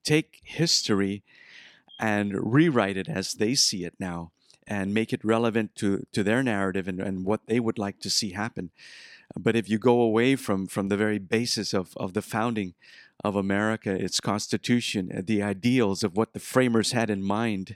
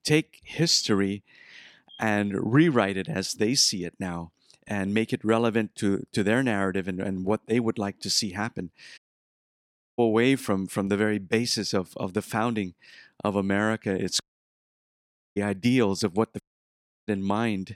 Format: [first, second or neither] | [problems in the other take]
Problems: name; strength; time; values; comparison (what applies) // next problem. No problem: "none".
first | audio cutting out; at 9 s for 1 s, at 14 s for 1 s and at 16 s for 0.5 s